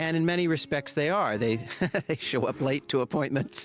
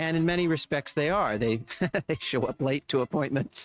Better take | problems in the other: first | noise reduction (neural mask model RNNoise)

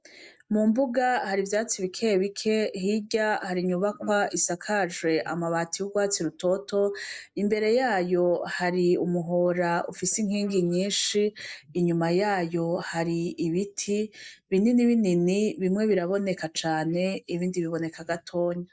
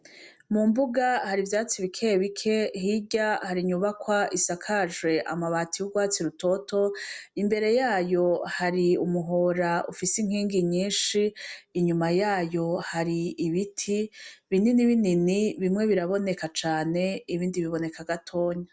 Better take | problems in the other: second | noise reduction (neural mask model Resemble Enhance denoiser)

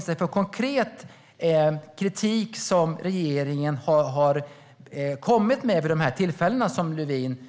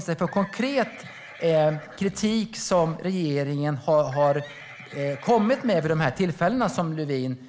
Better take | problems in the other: first | background sound (Livestock, farm animals, working animals); 19 dB below the speech

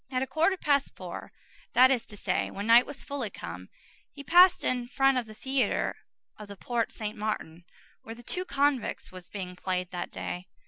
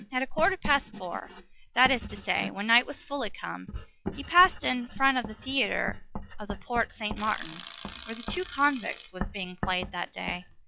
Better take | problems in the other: first | noise reduction (classical method log-MMSE)

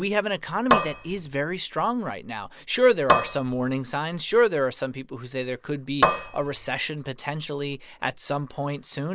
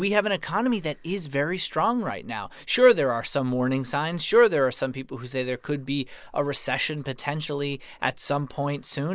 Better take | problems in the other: second | background sound (Cutlery, silverware / Dishes, pots, and pans); 2 dB above the speech

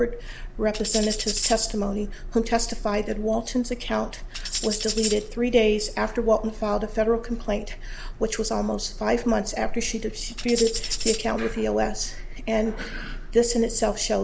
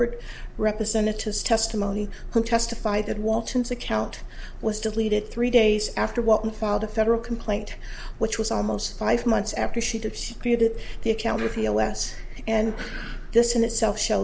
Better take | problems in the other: second | background sound (Tambourine); 7 dB below the speech

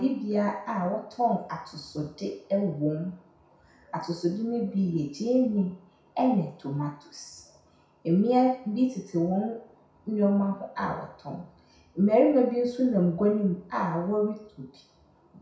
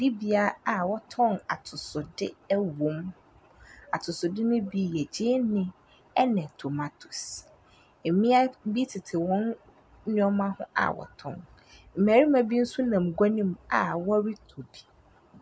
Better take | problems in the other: second | room echo; dies away in 0.6 s

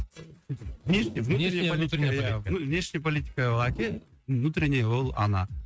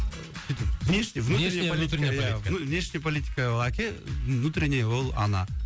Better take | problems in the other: second | noise reduction (neural mask model RNNoise)

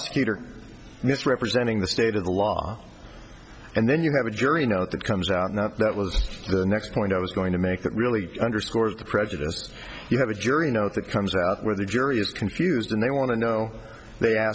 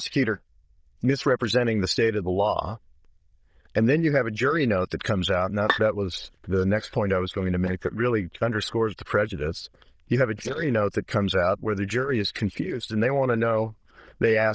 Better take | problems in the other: first | noise reduction (neural diffusion model UNIVERSE++)

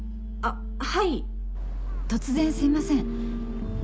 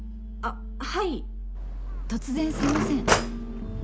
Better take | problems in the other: first | background sound (Cutlery, silverware / Drawer open or close); 2 dB above the speech

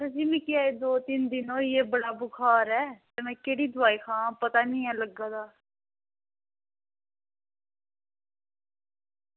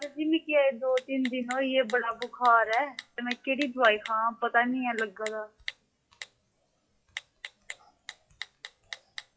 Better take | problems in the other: first | noise reduction (classical method WPE with log-MMSE)

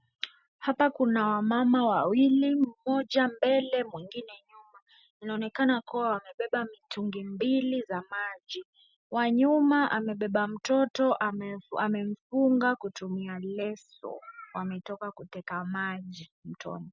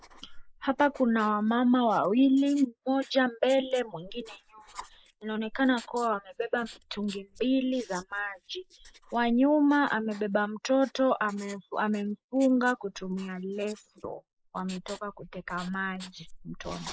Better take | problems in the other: first | noise reduction (neural mask model Resemble Enhance denoiser)

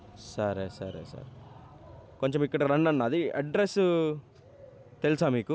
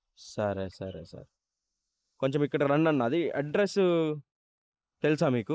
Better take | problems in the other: first | noise reduction (neural mask model Resemble Enhance denoiser)

